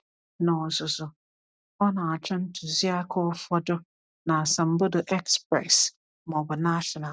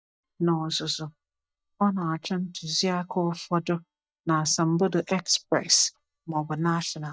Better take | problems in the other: first | noise reduction (neural mask model DeepFilterNet 3)

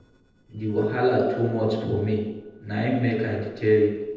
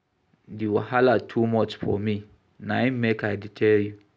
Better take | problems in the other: second | noise reduction (neural separator model SepFormer DNS4)

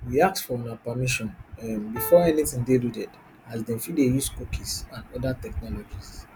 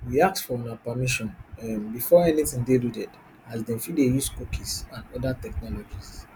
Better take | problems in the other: second | background sound (Piano); 10 dB below the speech

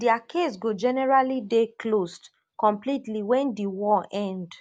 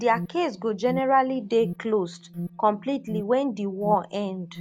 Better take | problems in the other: first | background sound (Alarm); 12 dB below the speech

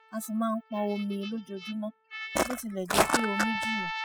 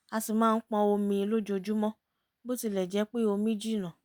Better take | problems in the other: second | noise reduction (classical method spectral subtraction)

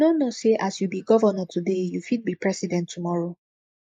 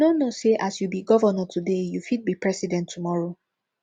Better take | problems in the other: second | noise reduction (neural mask model Resemble Enhance denoiser)

